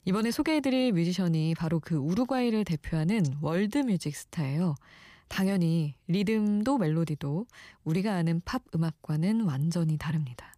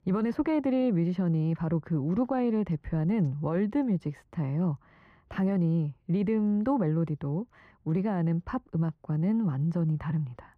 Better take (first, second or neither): first